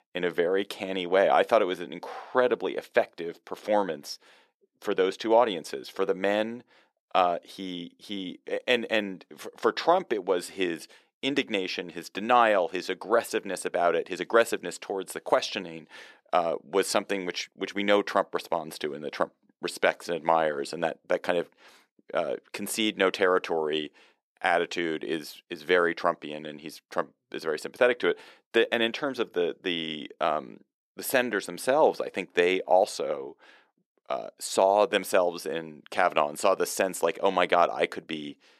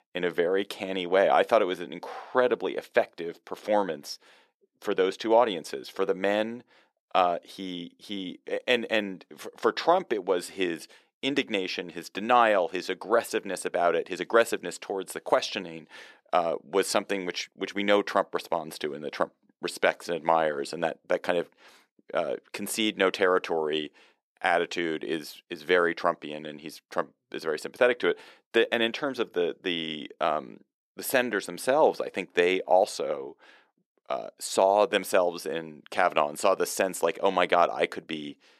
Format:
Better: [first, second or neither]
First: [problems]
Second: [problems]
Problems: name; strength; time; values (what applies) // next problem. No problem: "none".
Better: neither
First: thin; somewhat; fading below 450 Hz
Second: thin; somewhat; fading below 450 Hz